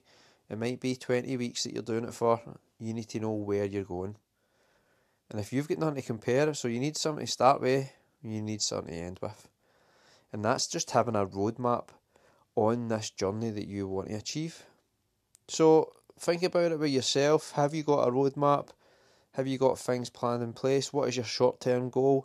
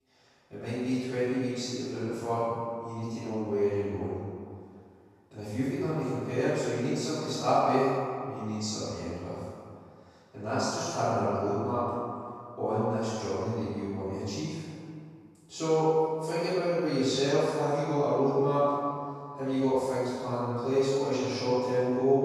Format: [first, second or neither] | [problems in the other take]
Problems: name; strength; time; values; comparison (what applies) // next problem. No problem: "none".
first | off-mic speech; far // room echo; strong; dies away in 2.1 s